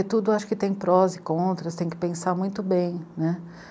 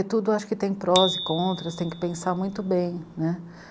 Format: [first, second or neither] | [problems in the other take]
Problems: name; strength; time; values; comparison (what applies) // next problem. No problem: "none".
first | background sound (Bicycle bell); 9 dB below the speech